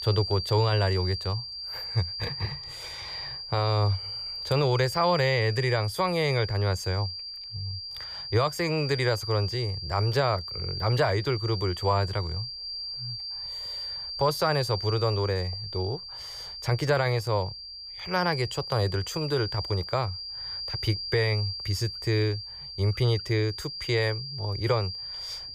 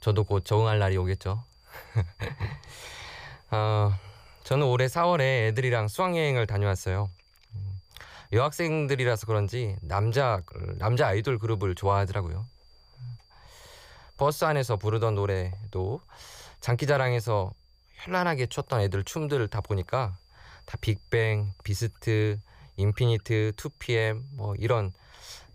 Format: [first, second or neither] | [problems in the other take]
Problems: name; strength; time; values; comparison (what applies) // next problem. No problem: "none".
second | high-pitched whine; loud; throughout; 5 kHz, 6 dB below the speech; faint in the second